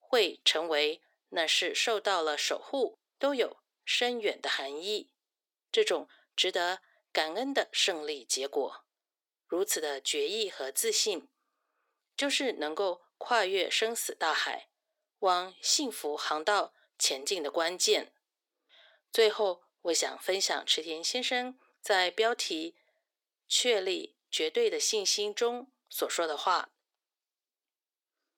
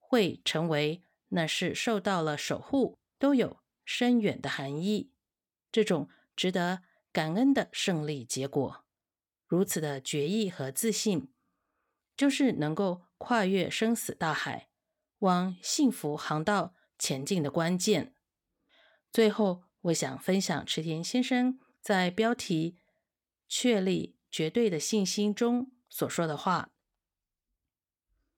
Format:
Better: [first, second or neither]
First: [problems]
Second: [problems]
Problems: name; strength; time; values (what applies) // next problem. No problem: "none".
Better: second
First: thin; very; fading below 350 Hz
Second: none